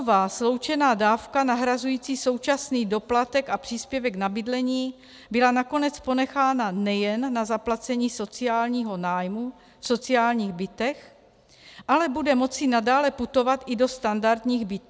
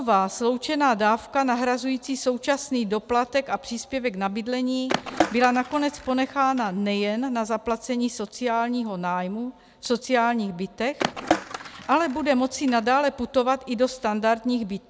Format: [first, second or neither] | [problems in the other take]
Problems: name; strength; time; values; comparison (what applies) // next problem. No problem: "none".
first | background sound (Skateboard); 6 dB below the speech